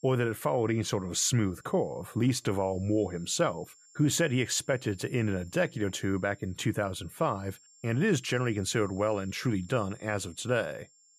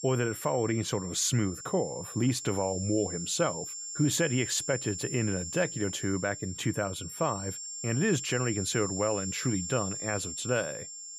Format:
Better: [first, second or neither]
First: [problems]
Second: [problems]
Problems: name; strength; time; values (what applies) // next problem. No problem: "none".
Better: first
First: high-pitched whine; faint; throughout; 7.5 kHz, 25 dB below the speech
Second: high-pitched whine; loud; throughout; 7.5 kHz, 6 dB below the speech